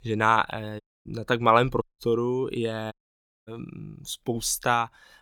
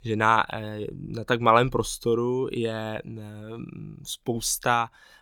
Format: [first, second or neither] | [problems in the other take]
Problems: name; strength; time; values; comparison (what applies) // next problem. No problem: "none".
second | audio cutting out; at 1 s, at 2 s and at 3 s for 0.5 s